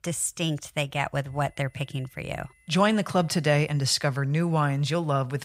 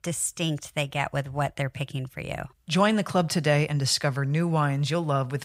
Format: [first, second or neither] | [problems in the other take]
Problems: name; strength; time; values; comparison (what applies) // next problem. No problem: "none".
second | high-pitched whine; faint; from 1.5 to 4 s; 2 kHz, 35 dB below the speech